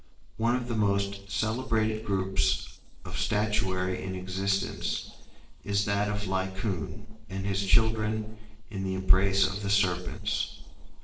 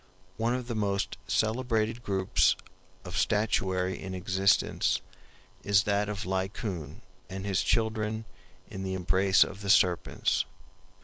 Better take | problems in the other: second | noise reduction (neural separator model SepFormer DNS4)

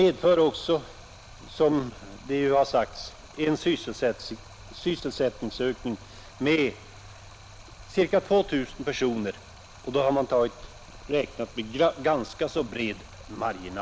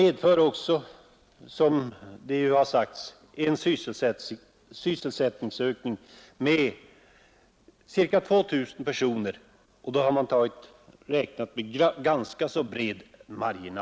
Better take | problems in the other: second | background sound (Stream); 19 dB below the speech

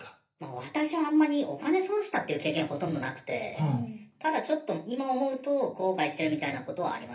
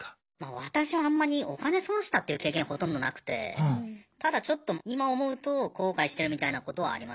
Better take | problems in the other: second | room echo; dies away in 0.3 s

